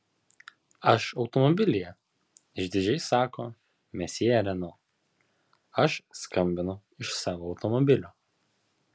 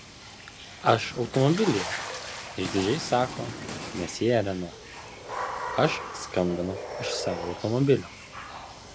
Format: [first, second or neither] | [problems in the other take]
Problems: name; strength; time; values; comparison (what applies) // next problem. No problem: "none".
first | background sound (Water / Splash, splatter); 8 dB below the speech